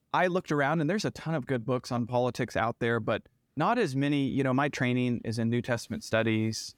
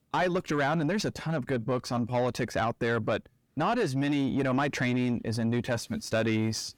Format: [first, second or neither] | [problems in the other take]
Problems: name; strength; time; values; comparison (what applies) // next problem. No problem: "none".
first | distortion; slight; 10 dB below the speech